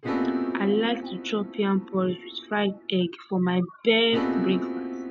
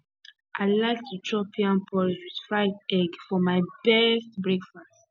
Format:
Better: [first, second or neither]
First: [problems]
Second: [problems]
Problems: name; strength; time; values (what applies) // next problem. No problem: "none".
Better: second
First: background sound (Piano); 5 dB below the speech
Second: none